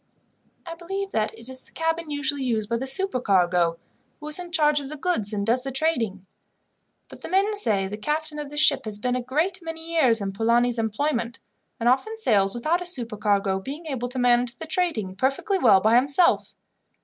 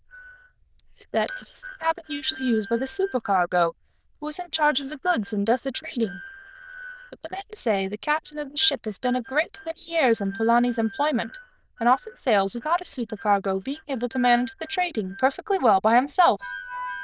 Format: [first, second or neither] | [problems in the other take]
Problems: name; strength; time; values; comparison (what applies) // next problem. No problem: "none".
first | noise reduction (neural diffusion model UNIVERSE++)